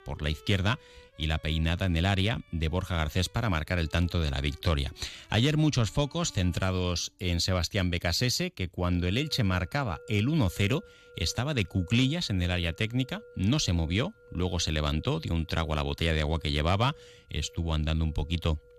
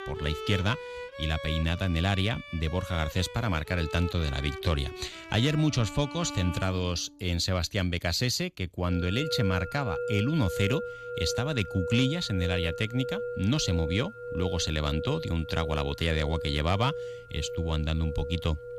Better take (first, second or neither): first